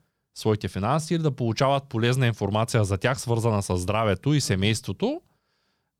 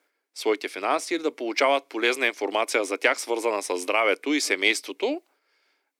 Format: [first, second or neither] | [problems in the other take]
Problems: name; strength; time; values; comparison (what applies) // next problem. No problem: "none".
first | thin; somewhat; fading below 300 Hz